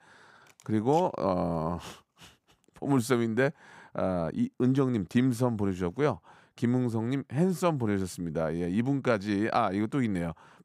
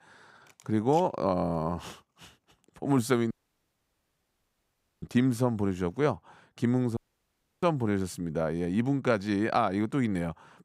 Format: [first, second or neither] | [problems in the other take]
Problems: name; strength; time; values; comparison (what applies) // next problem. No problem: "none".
first | audio cutting out; at 3.5 s for 1.5 s and at 7 s for 0.5 s